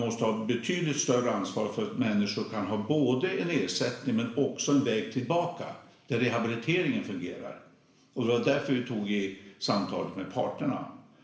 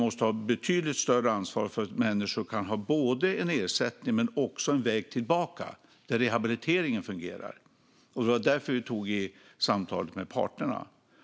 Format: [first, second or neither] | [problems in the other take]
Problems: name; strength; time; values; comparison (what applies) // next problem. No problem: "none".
second | room echo; dies away in 0.8 s